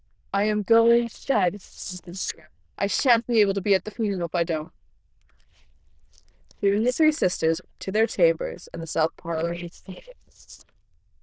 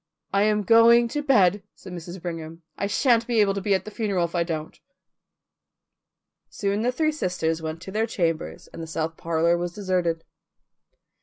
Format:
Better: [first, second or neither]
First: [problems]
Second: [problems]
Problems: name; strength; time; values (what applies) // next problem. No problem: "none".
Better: second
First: noise reduction (neural diffusion model UNIVERSE++)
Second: none